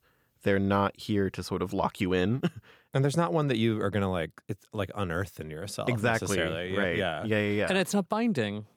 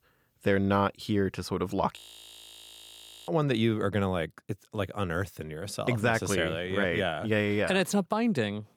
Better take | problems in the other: first | audio freezing; at 2 s for 1.5 s

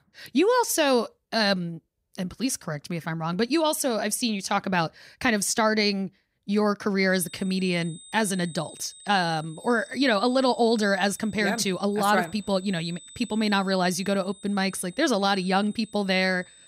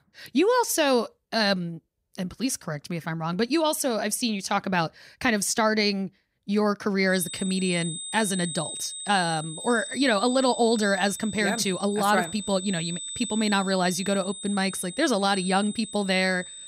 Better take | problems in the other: first | high-pitched whine; loud; from 7 s on; 8 kHz, 9 dB below the speech; faint in the first

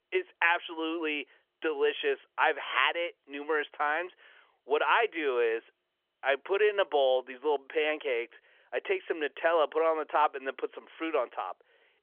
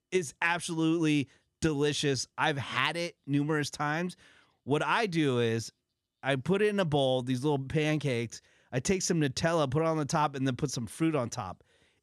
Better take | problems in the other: second | phone-call audio; nothing above 3.5 kHz

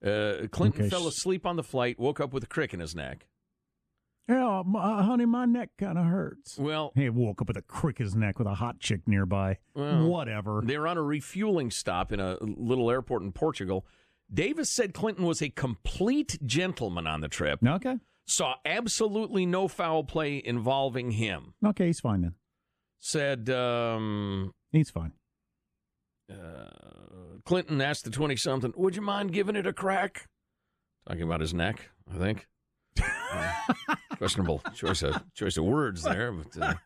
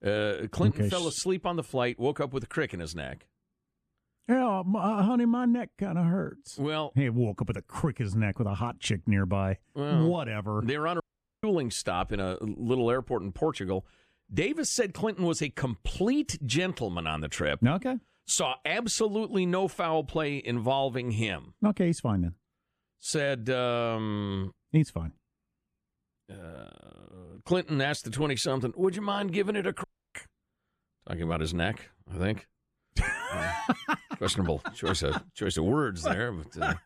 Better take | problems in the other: first | audio cutting out; at 11 s and at 30 s

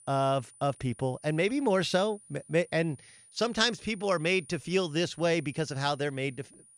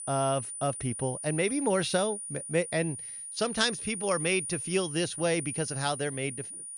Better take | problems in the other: first | high-pitched whine; loud; throughout; 9.5 kHz, 6 dB below the speech; faint in the first

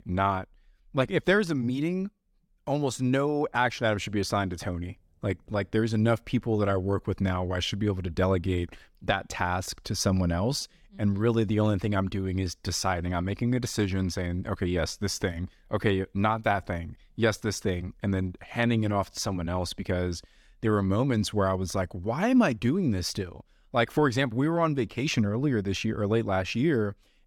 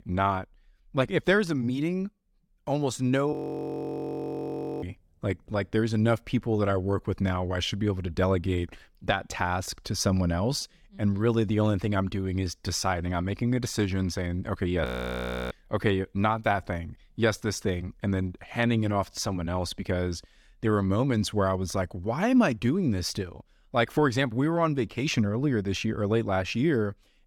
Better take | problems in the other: first | audio freezing; at 3.5 s for 1.5 s and at 15 s for 0.5 s

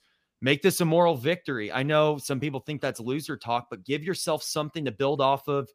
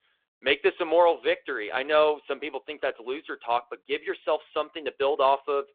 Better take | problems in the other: first | phone-call audio

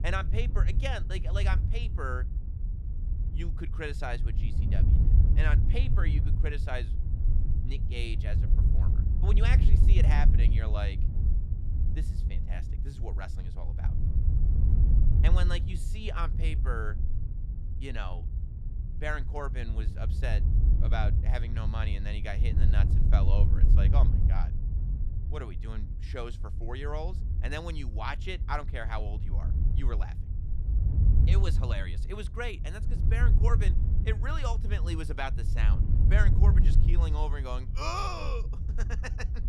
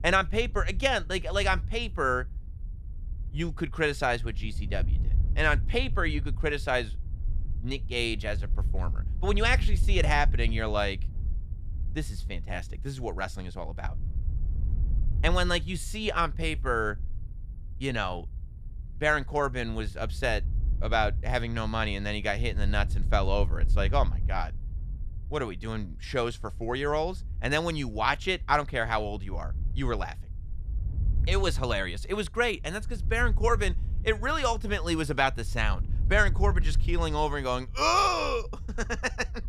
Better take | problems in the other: second | wind noise on the microphone; heavy; 8 dB below the speech; occasional gusts in the second

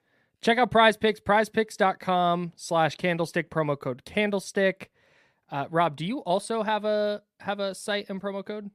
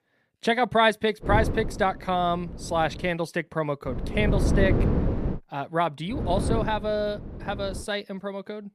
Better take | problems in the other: first | wind noise on the microphone; heavy; from 1.5 to 3 s, from 4 to 5.5 s and from 6 to 8 s; 9 dB below the speech

